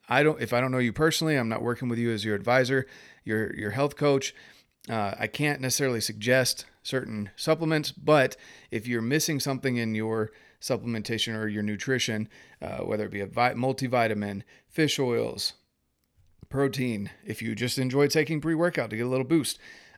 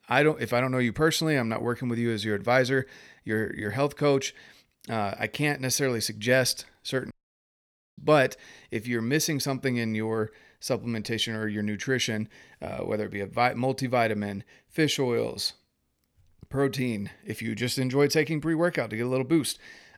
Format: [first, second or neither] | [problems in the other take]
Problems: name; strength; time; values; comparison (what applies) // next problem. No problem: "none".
first | audio cutting out; at 7 s for 1 s